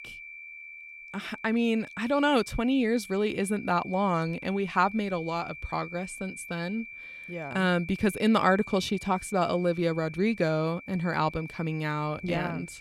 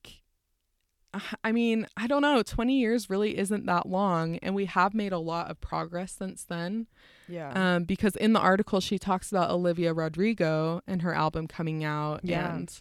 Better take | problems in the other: second | high-pitched whine; noticeable; throughout; 2.5 kHz, 15 dB below the speech

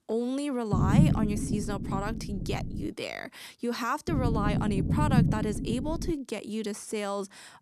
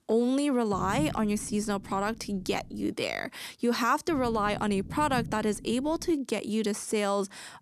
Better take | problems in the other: second | low rumble; loud; from 0.5 to 3 s and from 4 to 6 s; 3 dB below the speech; faint in the second

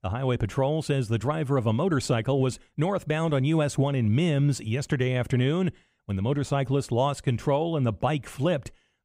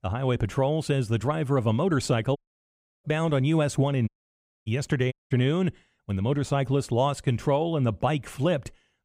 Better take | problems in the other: first | audio cutting out; at 2.5 s for 0.5 s, at 4 s for 0.5 s and at 5 s

